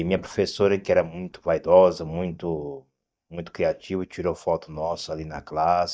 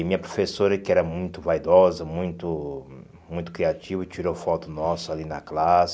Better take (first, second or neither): second